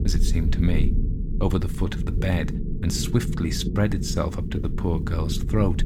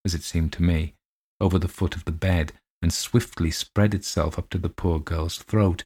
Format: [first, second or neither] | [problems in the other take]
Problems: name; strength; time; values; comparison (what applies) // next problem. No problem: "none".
second | low rumble; loud; throughout; 7 dB below the speech